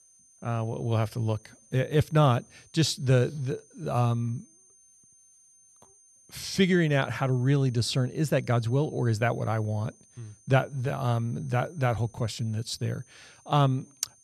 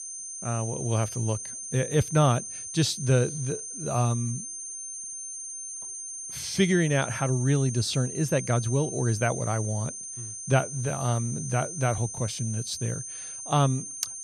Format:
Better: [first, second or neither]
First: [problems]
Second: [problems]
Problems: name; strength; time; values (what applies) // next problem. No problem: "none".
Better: first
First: high-pitched whine; faint; throughout; 6.5 kHz, 30 dB below the speech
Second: high-pitched whine; loud; throughout; 6.5 kHz, 7 dB below the speech